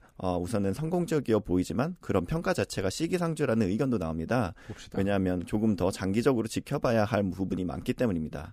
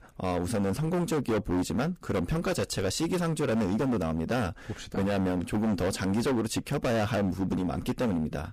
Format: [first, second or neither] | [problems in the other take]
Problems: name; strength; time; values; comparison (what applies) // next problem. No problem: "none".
first | distortion; heavy; 21% of the sound clipped